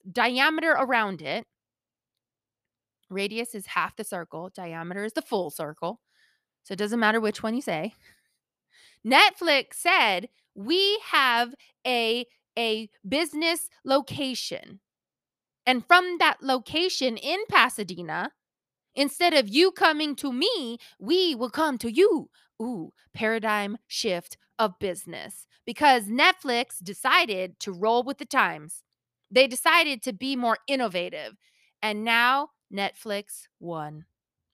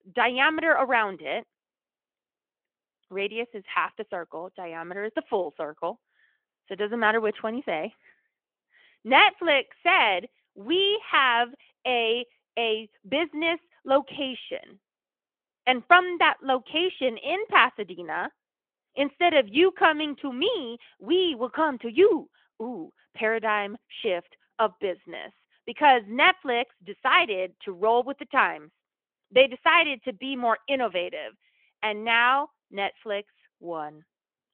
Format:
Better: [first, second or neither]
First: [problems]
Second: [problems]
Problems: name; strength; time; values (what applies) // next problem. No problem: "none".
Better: first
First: none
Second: phone-call audio; nothing above 3.5 kHz